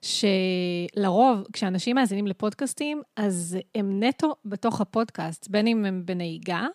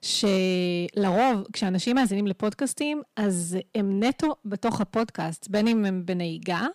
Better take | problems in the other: first | distortion; slight; 5% of the sound clipped

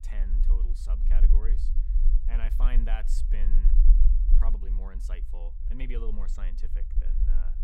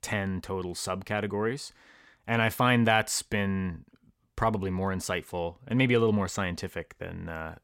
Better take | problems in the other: second | low rumble; loud; throughout; 6 dB below the speech

